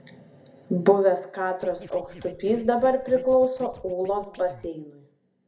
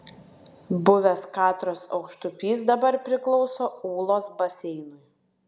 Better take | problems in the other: second | background sound (Scratching (performance technique)); 20 dB below the speech // room echo; dies away in 0.3 s

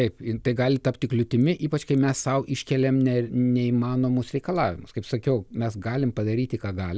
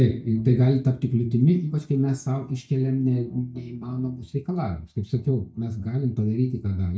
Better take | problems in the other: first | noise reduction (neural mask model DeepFilterNet 3)

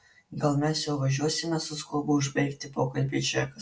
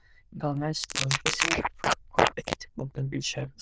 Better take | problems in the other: first | noise reduction (neural diffusion model UNIVERSE++)

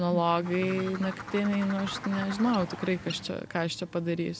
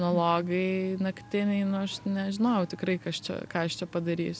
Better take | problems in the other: second | background sound (Bird); 11 dB below the speech

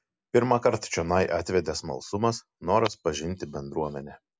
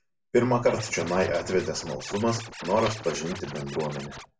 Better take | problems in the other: first | background sound (Scratching (performance technique)); 13 dB below the speech // room echo; dies away in 0.3 s

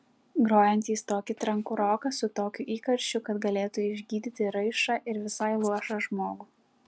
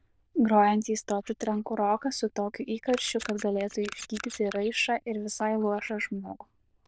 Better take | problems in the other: first | noise reduction (neural diffusion model UNIVERSE++)

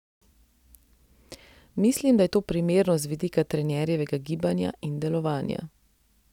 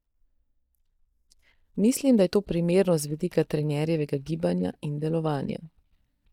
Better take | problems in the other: first | noise reduction (neural mask model DeepFilterNet 3)

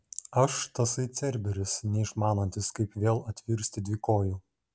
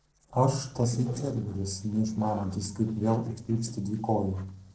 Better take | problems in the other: first | noise reduction (neural separator model SepFormer DNS4)

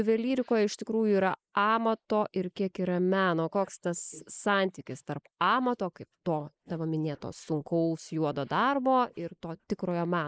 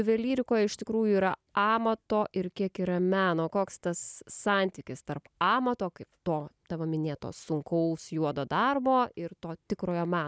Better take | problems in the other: second | noise reduction (neural mask model Resemble Enhance denoiser)

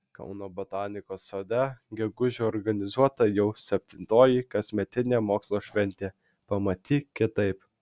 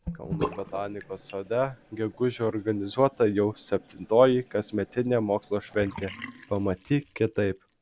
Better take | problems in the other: first | background sound (Bathtub (filling or washing) / Sink (filling or washing)); 14 dB below the speech

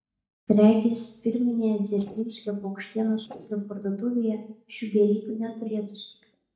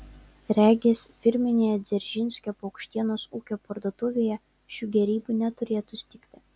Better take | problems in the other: second | noise reduction (neural mask model DeepFilterNet 3)

